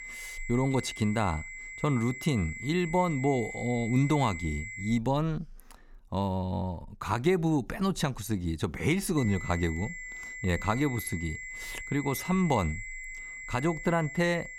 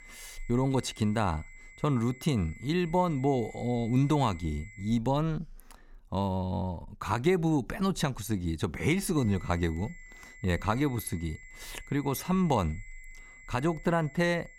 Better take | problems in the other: second | high-pitched whine; loud; until 5 s and from 9 s on; 2 kHz, 9 dB below the speech; faint in the second

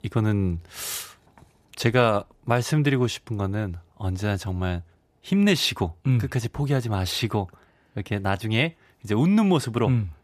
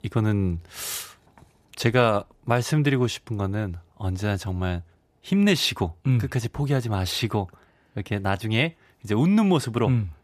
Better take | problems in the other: neither | none

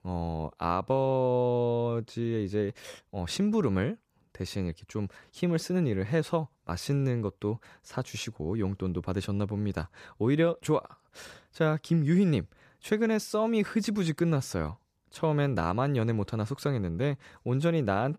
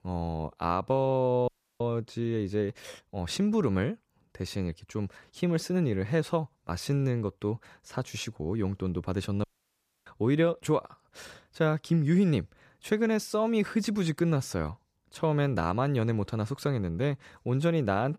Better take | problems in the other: first | audio cutting out; at 1.5 s and at 9.5 s for 0.5 s

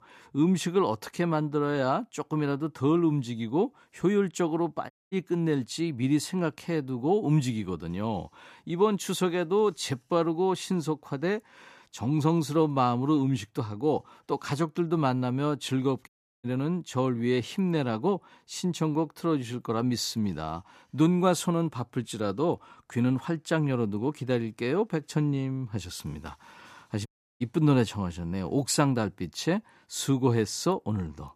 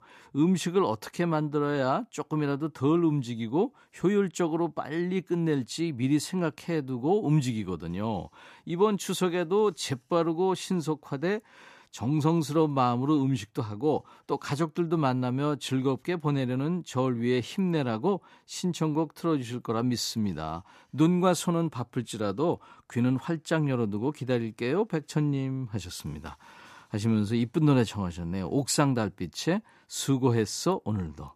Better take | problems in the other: second | audio cutting out; at 5 s, at 16 s and at 27 s

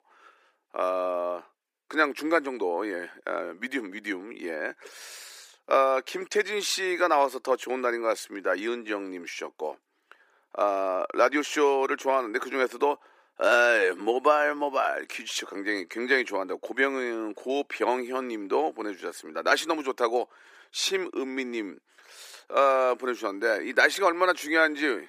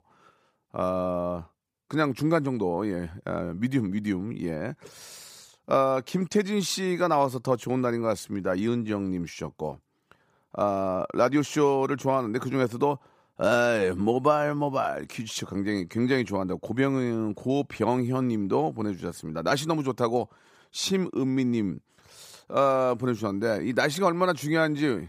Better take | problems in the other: second | thin; somewhat; fading below 300 Hz

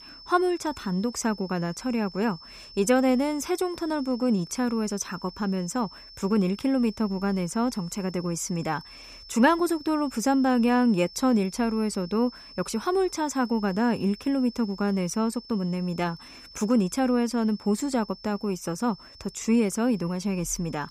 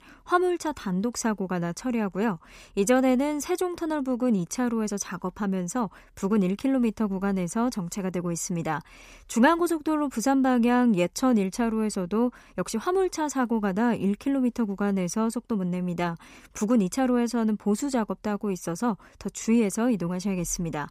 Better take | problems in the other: second | high-pitched whine; noticeable; throughout; 5.5 kHz, 20 dB below the speech

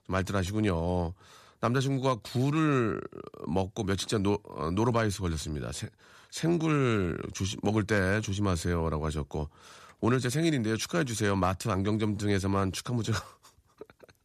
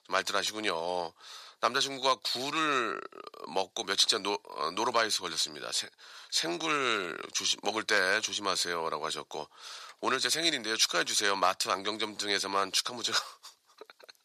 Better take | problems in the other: first | thin; very; fading below 650 Hz

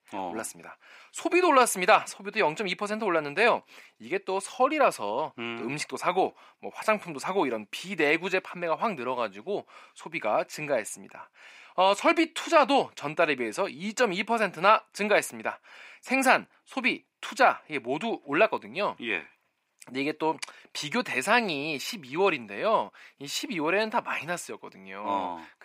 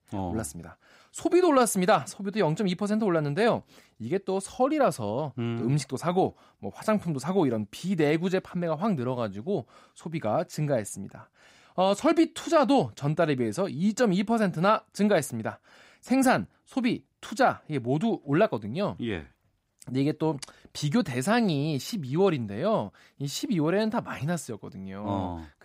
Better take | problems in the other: second | thin; somewhat; fading below 350 Hz

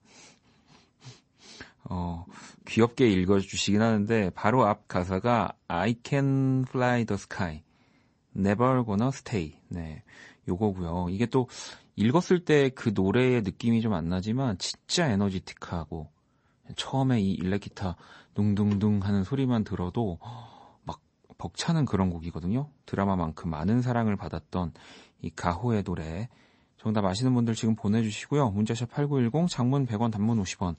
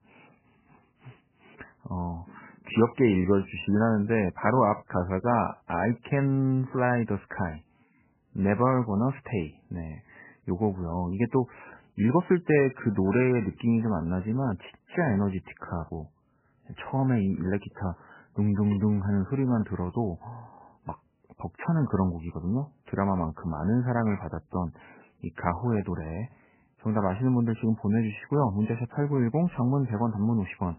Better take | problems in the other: first | garbled, watery; badly; nothing above 3 kHz; slightly in the first

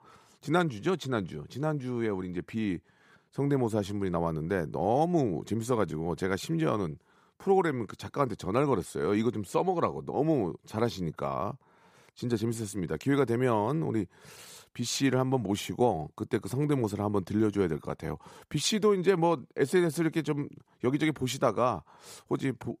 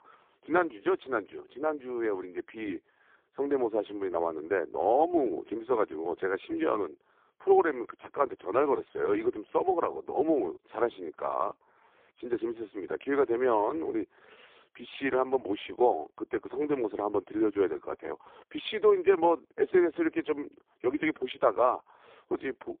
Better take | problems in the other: first | phone-call audio; poor line; nothing above 3.5 kHz

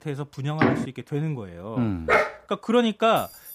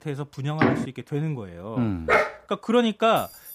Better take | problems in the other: neither | door banging; loud; at 0.5 s; peak 3 dB above the speech; the same in both // dog barking; loud; at 2 s; peak 4 dB above the speech; the same in both // jangling keys; faint; at 3 s; peak 15 dB below the speech; the same in both

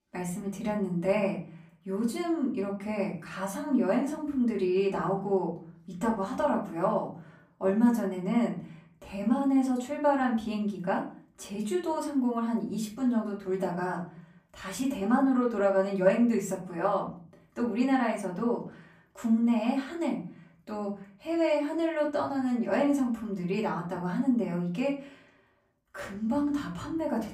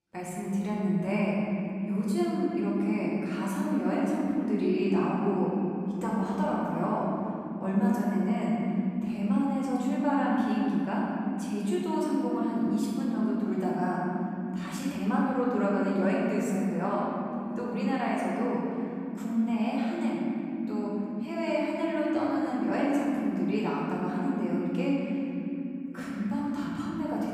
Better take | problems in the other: first | room echo; strong; dies away in 3 s; slight in the first // off-mic speech; far; far in the first

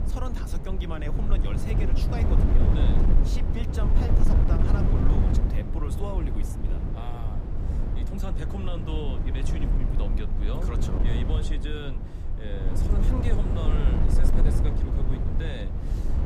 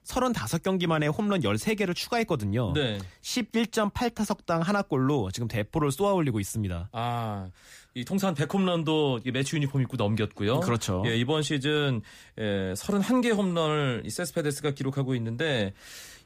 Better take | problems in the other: second | wind noise on the microphone; heavy; 1 dB above the speech

